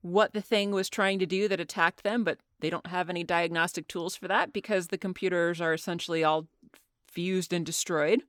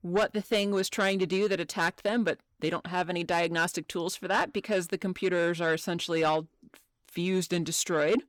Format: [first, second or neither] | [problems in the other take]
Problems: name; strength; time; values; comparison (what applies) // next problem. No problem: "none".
first | distortion; slight; 10 dB below the speech